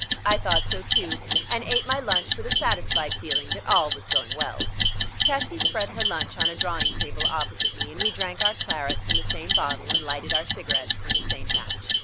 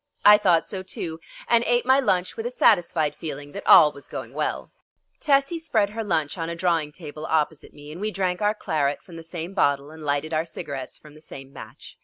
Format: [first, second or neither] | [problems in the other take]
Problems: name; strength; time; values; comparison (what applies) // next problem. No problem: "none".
second | background sound (Clock); 5 dB above the speech